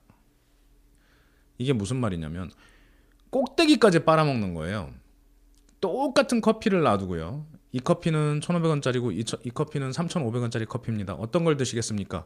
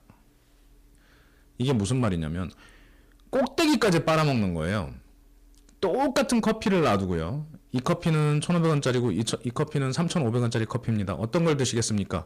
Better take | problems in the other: first | distortion; heavy; 9% of the sound clipped

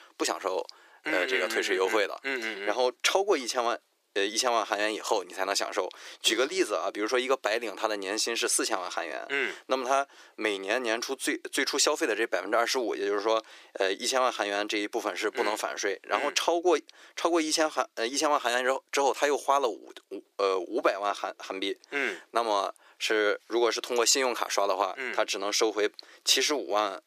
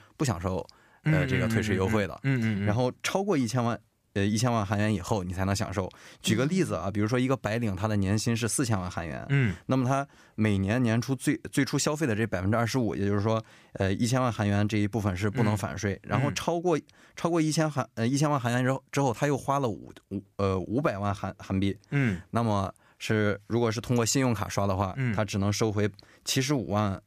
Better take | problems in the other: second | thin; very; fading below 350 Hz

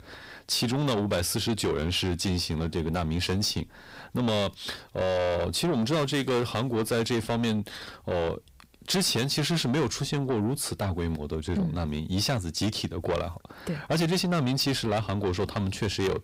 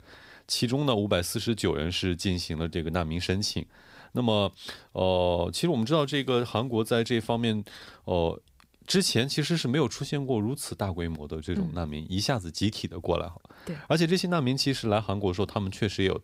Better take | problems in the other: second | distortion; heavy; 7 dB below the speech

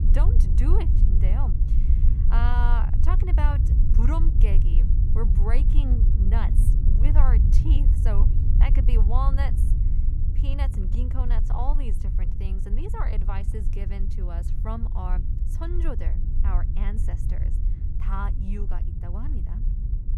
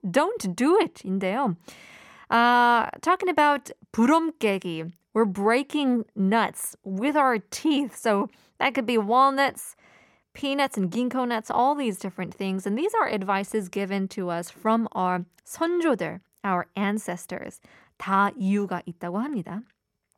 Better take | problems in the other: second | low rumble; loud; throughout; 5 dB below the speech

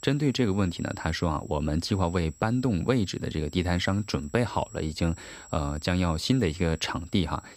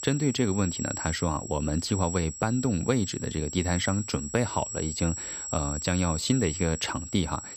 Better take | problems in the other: first | high-pitched whine; loud; throughout; 7.5 kHz, 7 dB below the speech; faint in the first

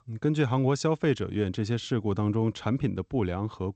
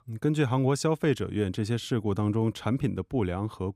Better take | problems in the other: second | garbled, watery; slightly; nothing above 8 kHz

